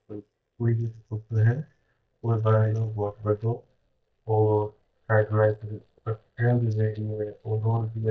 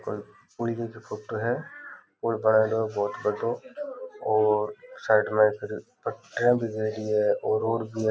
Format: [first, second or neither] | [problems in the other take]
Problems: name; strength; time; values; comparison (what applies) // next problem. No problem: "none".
second | noise reduction (neural mask model DeepFilterNet 3)